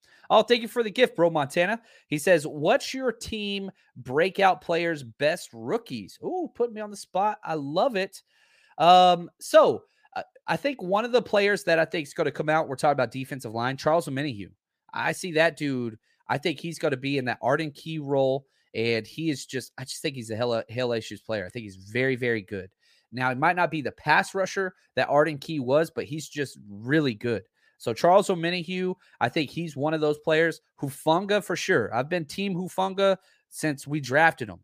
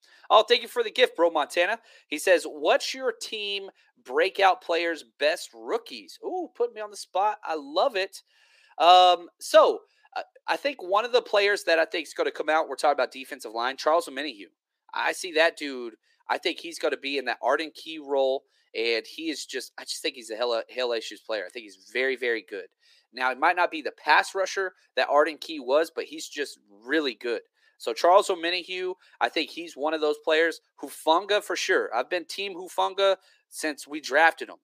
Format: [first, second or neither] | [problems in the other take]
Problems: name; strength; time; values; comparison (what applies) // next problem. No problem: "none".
first | thin; somewhat; fading below 300 Hz